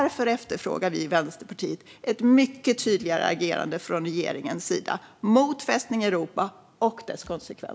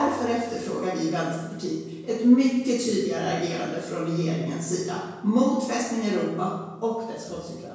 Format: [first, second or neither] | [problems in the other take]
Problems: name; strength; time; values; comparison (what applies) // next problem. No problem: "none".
first | room echo; dies away in 1 s